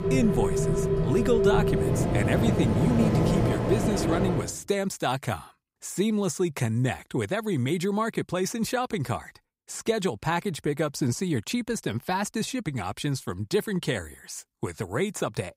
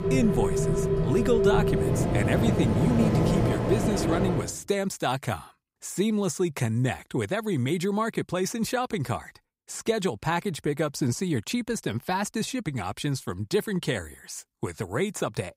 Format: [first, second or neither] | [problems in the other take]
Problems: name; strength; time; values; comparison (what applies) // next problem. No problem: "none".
neither | rain or running water; very loud; until 4.5 s; 3 dB above the speech; the same in both